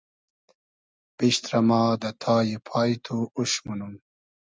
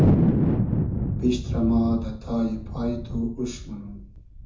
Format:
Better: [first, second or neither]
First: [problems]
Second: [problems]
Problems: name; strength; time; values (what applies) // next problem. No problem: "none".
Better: first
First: none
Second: background sound (Thunder); 3 dB above the speech // room echo; dies away in 0.6 s